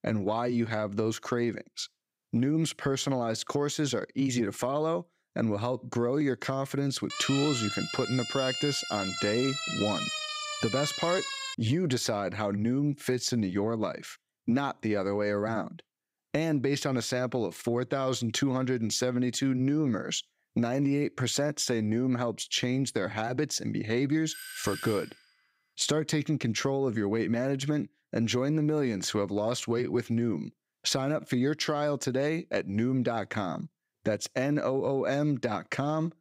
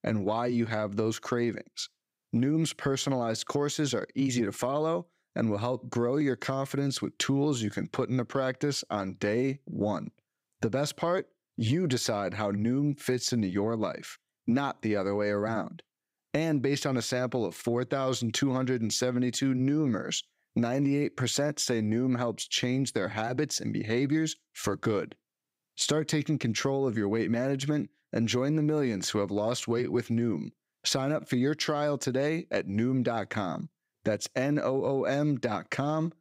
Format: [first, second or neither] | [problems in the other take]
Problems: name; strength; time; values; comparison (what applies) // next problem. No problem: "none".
second | siren; noticeable; from 7 to 12 s; peak 2 dB below the speech // doorbell; noticeable; at 24 s; peak 9 dB below the speech